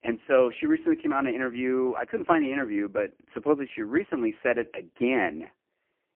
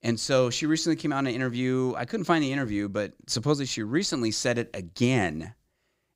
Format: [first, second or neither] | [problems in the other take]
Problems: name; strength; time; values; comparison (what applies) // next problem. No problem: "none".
second | phone-call audio; poor line